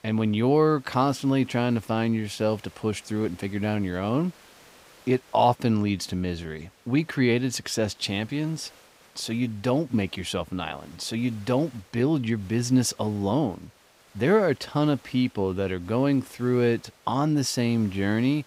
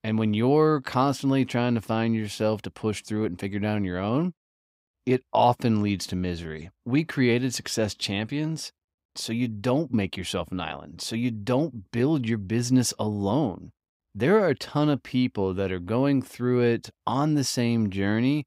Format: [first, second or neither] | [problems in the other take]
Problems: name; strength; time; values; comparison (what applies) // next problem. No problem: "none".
second | hiss; faint; throughout; 25 dB below the speech